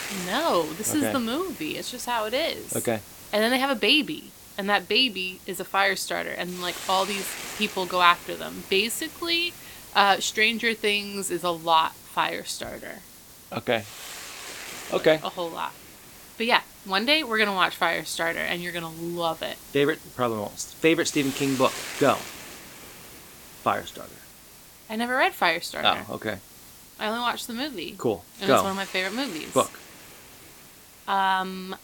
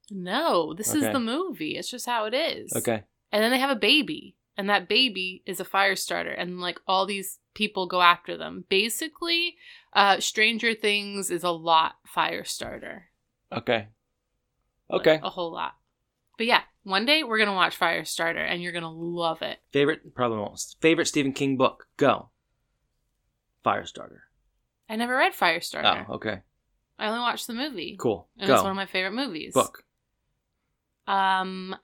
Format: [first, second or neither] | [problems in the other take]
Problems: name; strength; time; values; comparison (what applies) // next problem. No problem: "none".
second | hiss; noticeable; throughout; 15 dB below the speech